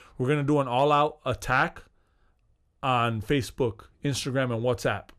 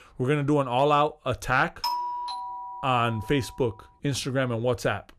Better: first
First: none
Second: doorbell; noticeable; from 2 to 3.5 s; peak 3 dB below the speech

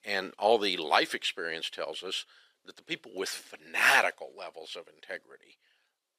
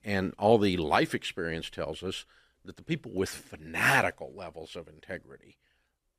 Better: second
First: thin; somewhat; fading below 500 Hz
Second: none

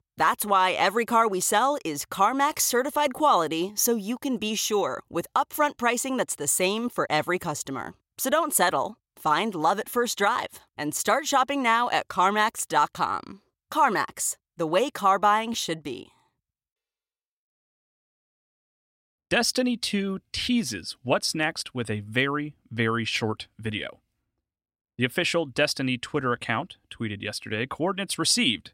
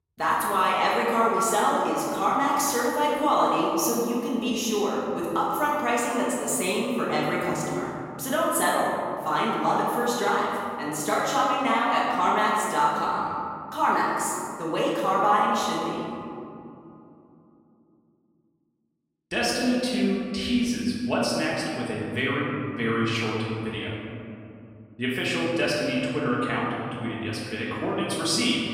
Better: first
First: none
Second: room echo; strong; dies away in 2.7 s // off-mic speech; far

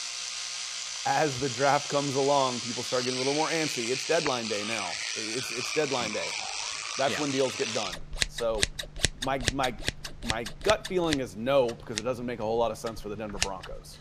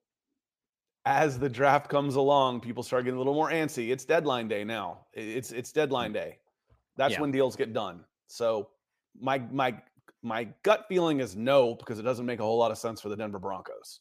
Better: second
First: household noises; loud; throughout; 2 dB below the speech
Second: none

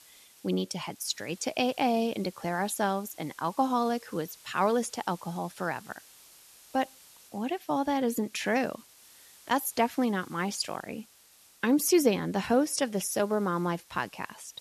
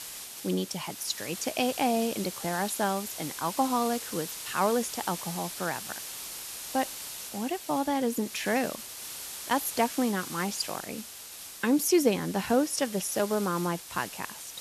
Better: first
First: hiss; faint; throughout; 25 dB below the speech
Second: hiss; loud; throughout; 8 dB below the speech

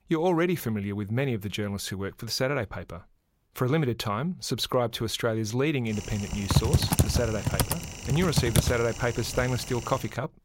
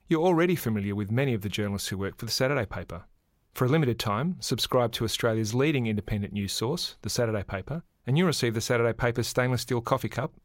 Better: second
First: keyboard typing; loud; from 6.5 to 9.5 s; peak 5 dB above the speech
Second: none

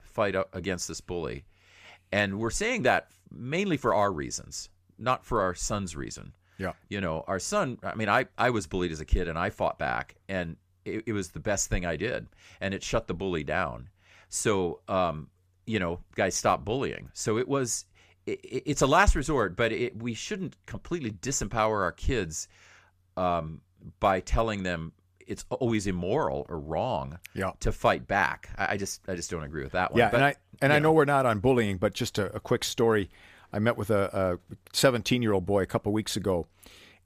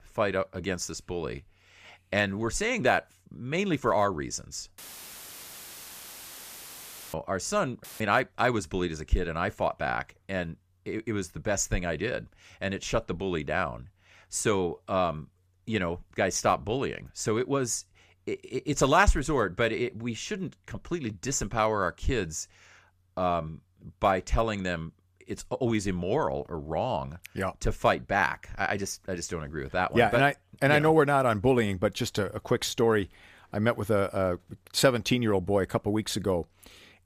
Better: first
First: none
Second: audio cutting out; filled with static; at 5 s for 2.5 s and at 8 s

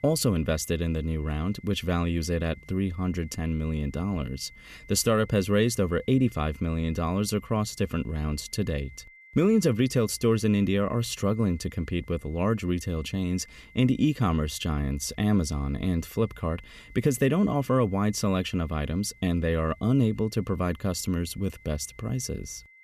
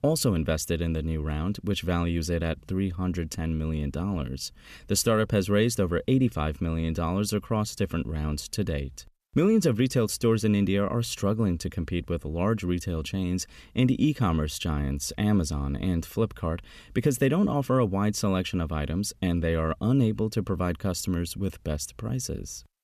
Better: second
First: high-pitched whine; faint; throughout; 2 kHz, 25 dB below the speech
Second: none

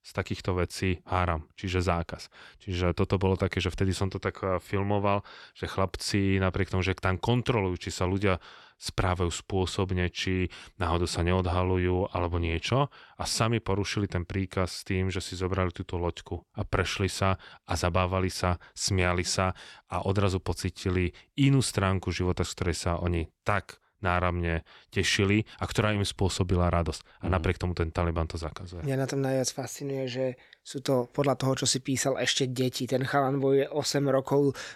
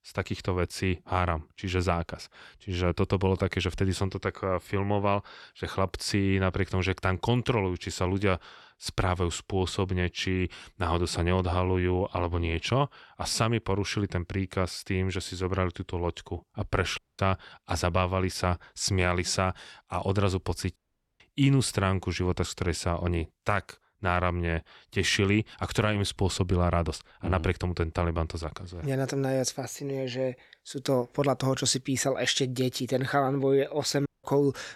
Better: first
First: none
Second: audio cutting out; at 17 s, at 21 s and at 34 s

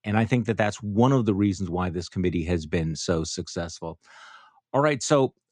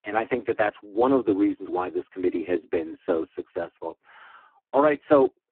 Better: first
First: none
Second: phone-call audio; poor line; nothing above 3.5 kHz

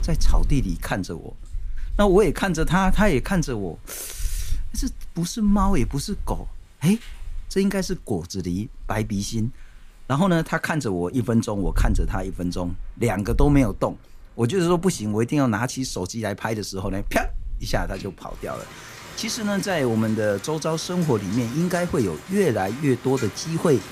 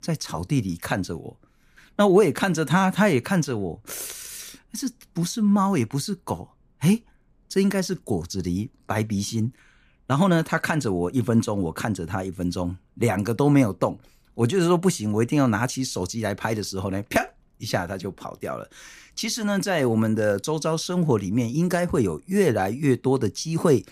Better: second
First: rain or running water; noticeable; throughout; 10 dB below the speech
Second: none

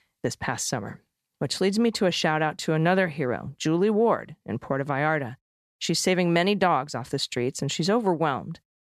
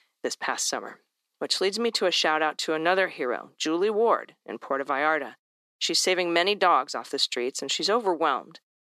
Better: first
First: none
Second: thin; somewhat; fading below 300 Hz

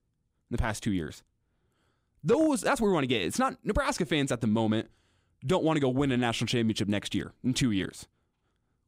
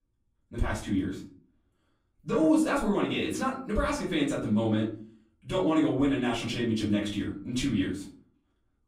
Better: first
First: none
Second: off-mic speech; far // room echo; slight; dies away in 0.4 s

